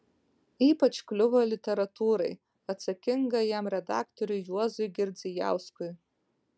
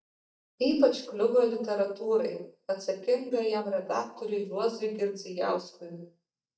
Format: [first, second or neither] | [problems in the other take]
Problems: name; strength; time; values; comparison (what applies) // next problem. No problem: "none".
first | noise reduction (neural mask model DeepFilterNet 3)